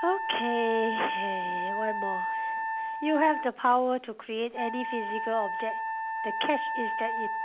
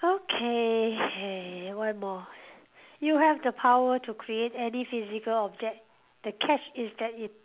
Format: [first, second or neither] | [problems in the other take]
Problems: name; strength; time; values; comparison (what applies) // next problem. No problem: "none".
second | background sound (Wind instrument, woodwind instrument); 2 dB below the speech